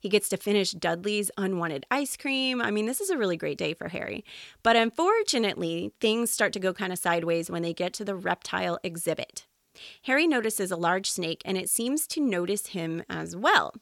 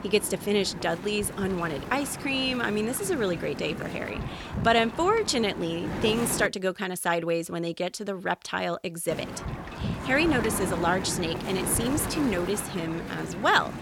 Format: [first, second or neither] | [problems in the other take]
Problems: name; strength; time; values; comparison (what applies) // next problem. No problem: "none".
first | wind noise on the microphone; heavy; until 6.5 s and from 9 s on; 9 dB below the speech